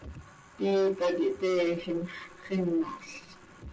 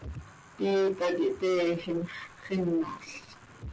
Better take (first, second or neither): second